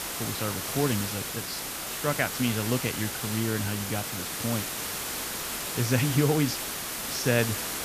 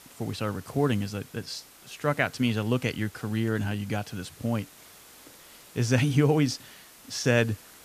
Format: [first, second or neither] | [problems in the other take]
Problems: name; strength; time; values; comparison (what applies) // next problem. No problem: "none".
second | hiss; loud; throughout; 2 dB below the speech; faint in the second